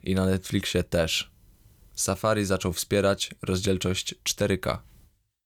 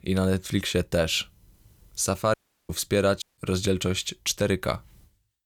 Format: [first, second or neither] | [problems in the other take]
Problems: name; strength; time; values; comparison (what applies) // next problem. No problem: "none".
first | audio cutting out; at 2.5 s and at 3 s